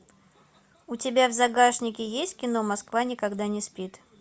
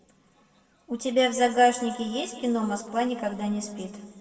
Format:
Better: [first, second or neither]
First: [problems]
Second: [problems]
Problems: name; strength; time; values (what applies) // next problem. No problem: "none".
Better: first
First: none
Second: room echo; dies away in 1.6 s